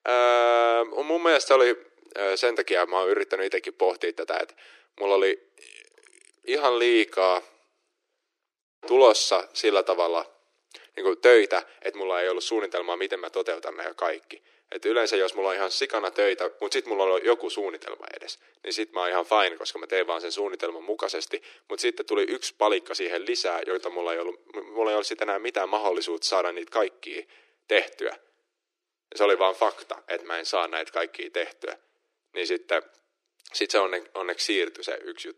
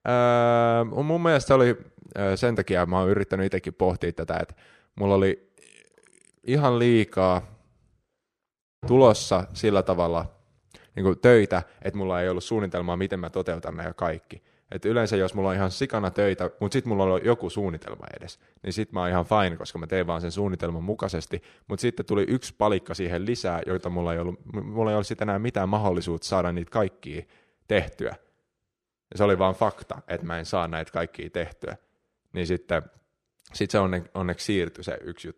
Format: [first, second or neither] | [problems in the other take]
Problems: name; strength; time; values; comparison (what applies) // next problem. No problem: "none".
second | thin; very; fading below 300 Hz